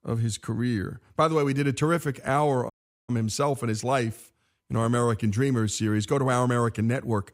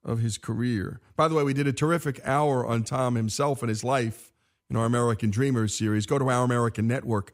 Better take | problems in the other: second | audio cutting out; at 2.5 s

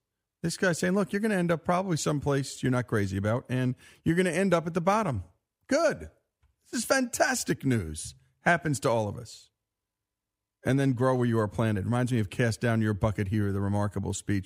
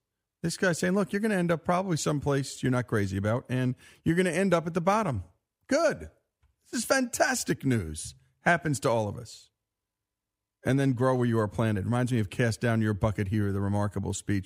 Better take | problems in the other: neither | none

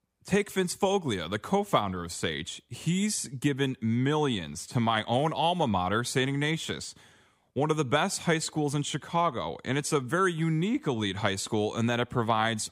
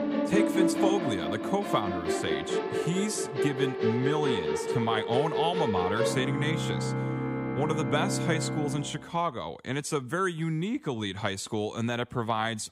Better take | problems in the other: first | background music; very loud; until 8.5 s; 1 dB above the speech

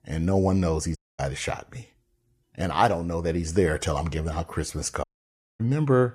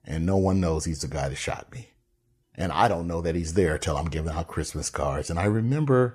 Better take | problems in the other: second | audio cutting out; at 1 s and at 5 s for 0.5 s

